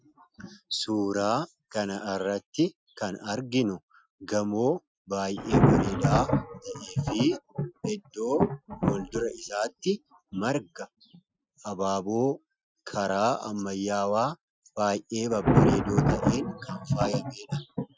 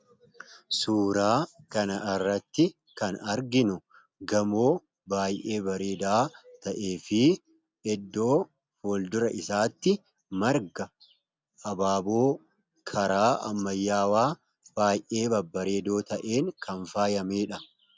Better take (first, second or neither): second